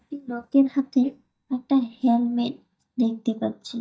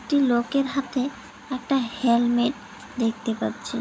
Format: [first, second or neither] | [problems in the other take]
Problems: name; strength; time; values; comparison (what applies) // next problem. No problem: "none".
second | noise reduction (neural mask model DeepFilterNet 3)